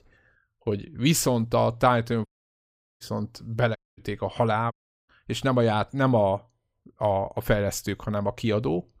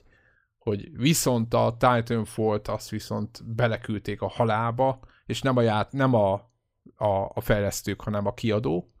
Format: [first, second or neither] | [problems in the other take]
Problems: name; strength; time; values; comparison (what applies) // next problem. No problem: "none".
second | audio cutting out; at 2.5 s for 0.5 s, at 4 s and at 4.5 s